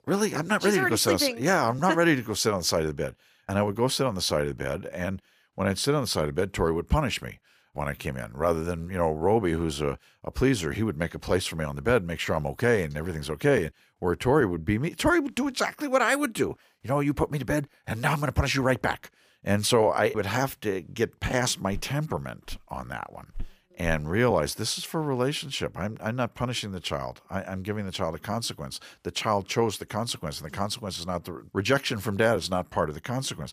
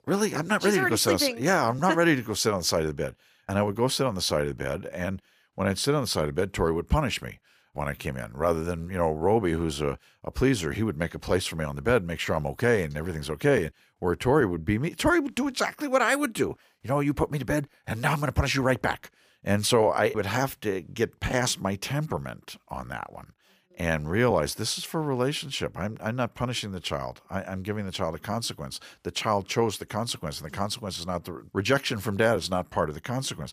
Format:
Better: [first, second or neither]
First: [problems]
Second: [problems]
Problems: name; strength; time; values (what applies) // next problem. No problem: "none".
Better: second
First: footsteps; faint; from 22 to 24 s; peak 20 dB below the speech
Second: none